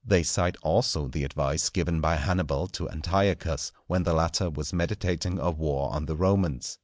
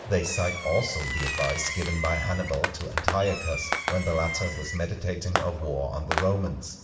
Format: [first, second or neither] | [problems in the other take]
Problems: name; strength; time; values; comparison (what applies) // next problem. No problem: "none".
first | background sound (Fireworks); 5 dB below the speech // room echo; dies away in 1.1 s